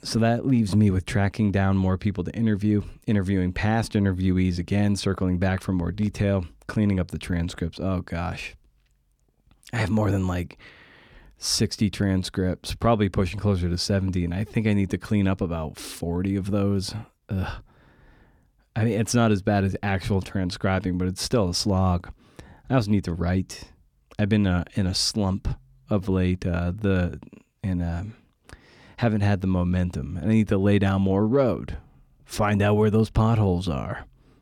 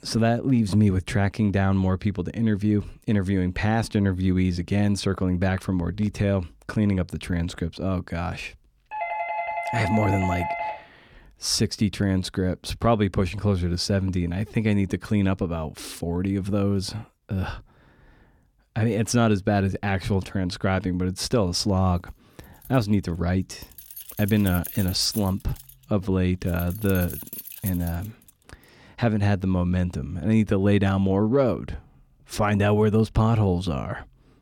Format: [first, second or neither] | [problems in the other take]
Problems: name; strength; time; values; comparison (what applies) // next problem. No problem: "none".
first | doorbell; noticeable; from 9 to 11 s; peak 4 dB below the speech // jangling keys; noticeable; from 23 to 28 s; peak 9 dB below the speech